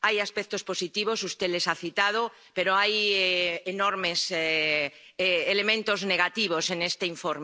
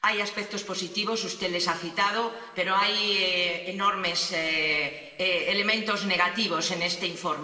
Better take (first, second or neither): first